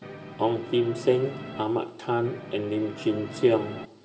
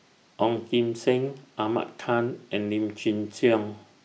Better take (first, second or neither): second